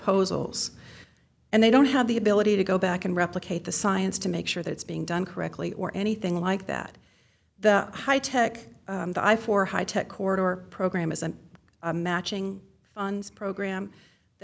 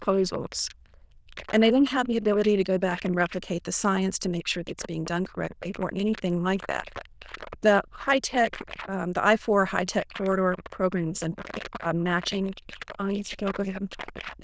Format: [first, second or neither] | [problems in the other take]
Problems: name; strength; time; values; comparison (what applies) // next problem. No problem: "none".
first | noise reduction (neural diffusion model UNIVERSE++)